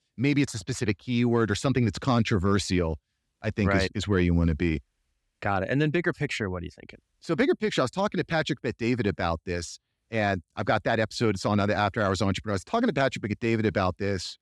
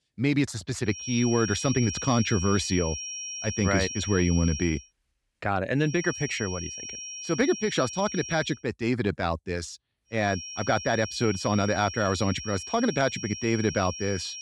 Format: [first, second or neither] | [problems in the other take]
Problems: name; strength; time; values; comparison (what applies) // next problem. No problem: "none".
first | high-pitched whine; loud; from 1 to 4.5 s, from 6 to 8.5 s and from 10 s on; 5.5 kHz, 8 dB below the speech